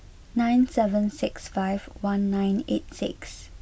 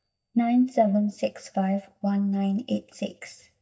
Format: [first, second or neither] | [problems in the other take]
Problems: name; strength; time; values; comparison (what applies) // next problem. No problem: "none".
first | noise reduction (neural mask model DeepFilterNet 3)